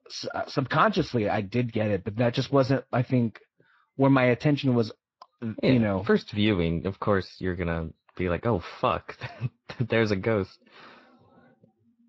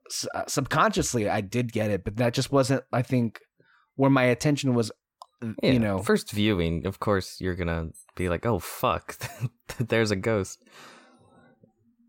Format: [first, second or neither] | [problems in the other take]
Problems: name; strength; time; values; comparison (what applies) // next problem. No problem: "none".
second | garbled, watery; slightly